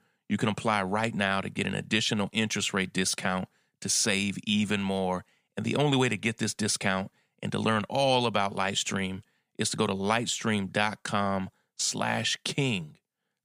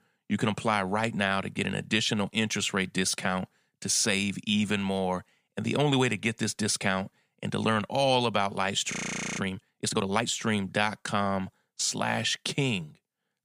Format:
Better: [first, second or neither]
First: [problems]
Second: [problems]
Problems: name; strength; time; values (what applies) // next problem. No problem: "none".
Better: first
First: none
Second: audio freezing; at 9 s